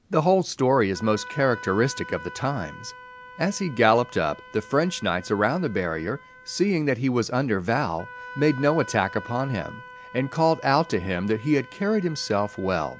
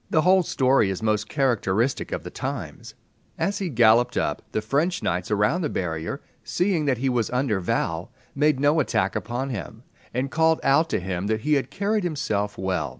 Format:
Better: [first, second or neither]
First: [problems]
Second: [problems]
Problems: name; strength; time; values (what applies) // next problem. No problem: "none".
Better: second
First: background sound (Wind instrument, woodwind instrument); 18 dB below the speech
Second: none